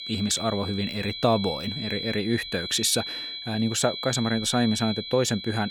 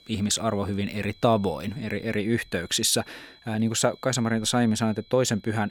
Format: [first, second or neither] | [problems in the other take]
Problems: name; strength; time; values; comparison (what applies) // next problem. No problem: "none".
second | high-pitched whine; loud; throughout; 4 kHz, 7 dB below the speech; faint in the second